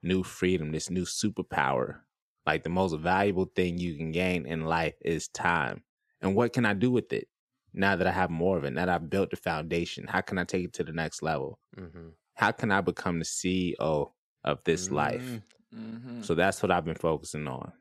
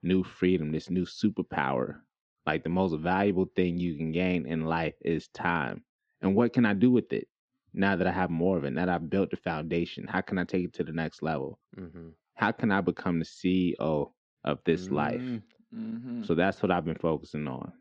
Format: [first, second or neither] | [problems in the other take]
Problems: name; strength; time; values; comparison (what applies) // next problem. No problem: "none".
first | muffled; slightly; fading above 4.5 kHz